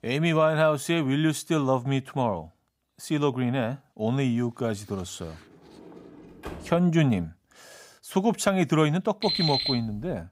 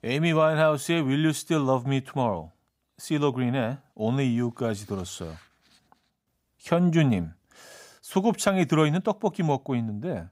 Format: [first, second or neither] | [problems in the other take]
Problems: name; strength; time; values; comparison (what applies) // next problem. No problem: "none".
second | door banging; faint; from 5.5 to 7 s; peak 15 dB below the speech // alarm; loud; at 9 s; peak 1 dB above the speech